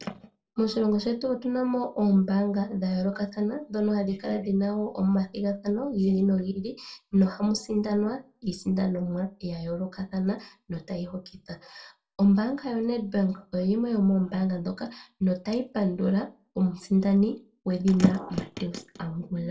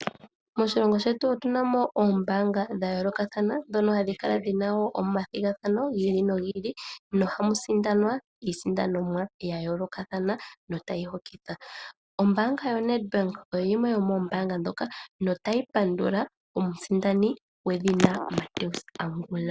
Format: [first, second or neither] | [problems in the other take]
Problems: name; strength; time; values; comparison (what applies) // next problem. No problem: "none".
second | room echo; dies away in 0.2 s